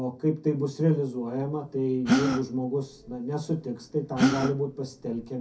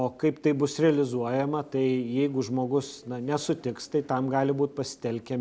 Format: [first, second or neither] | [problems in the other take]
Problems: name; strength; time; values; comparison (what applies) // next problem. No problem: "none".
second | background sound (Gasp); 3 dB below the speech // room echo; dies away in 0.3 s